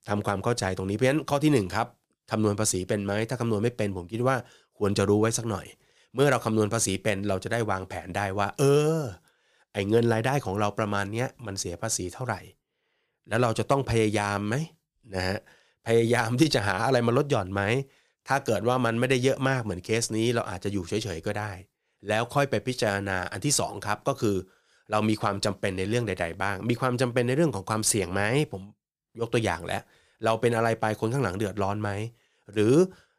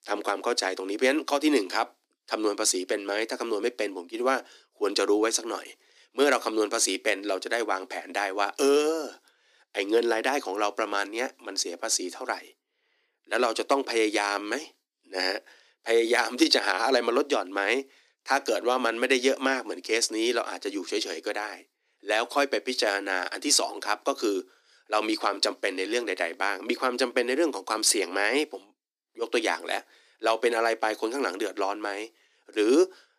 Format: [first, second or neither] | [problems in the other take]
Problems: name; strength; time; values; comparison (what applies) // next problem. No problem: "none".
first | thin; somewhat; fading below 250 Hz